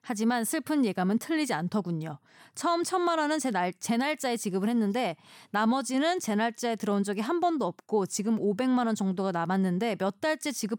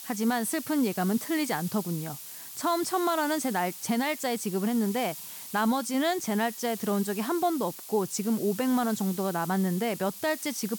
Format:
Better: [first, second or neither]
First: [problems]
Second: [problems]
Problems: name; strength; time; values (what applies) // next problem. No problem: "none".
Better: first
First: none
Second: hiss; noticeable; throughout; 10 dB below the speech